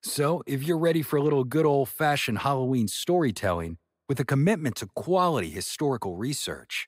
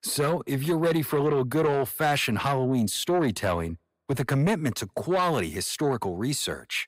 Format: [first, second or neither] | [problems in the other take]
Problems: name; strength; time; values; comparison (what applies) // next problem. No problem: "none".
first | distortion; slight; 10 dB below the speech